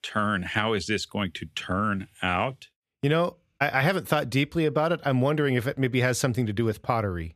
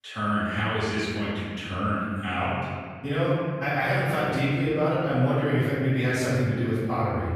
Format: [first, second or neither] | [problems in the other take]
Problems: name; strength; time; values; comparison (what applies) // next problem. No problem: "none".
first | off-mic speech; far // room echo; strong; dies away in 1.9 s